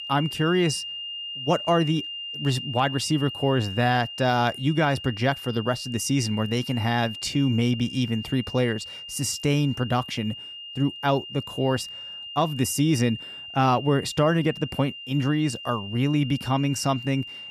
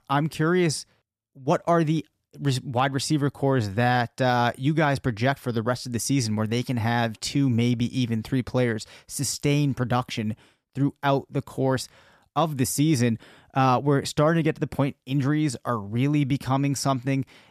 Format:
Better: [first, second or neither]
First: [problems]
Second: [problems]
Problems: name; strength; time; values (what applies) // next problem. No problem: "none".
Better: second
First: high-pitched whine; loud; throughout; 3 kHz, 10 dB below the speech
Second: none